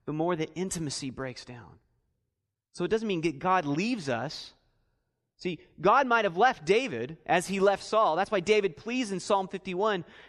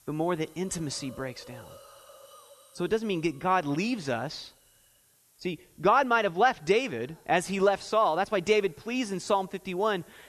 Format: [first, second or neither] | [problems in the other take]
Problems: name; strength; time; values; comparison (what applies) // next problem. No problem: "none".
first | hiss; faint; throughout; 25 dB below the speech